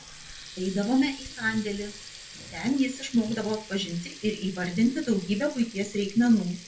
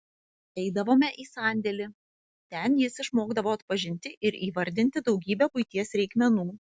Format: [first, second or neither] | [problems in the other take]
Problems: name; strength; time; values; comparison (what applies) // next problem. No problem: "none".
second | background sound (Water tap, faucet); 17 dB below the speech // room echo; dies away in 0.3 s